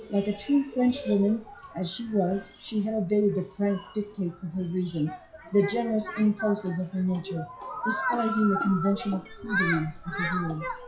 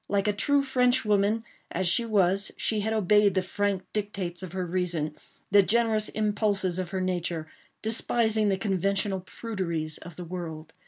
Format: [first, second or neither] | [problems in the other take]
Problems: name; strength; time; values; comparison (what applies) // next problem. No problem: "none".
second | noise reduction (classical method WPE with log-MMSE)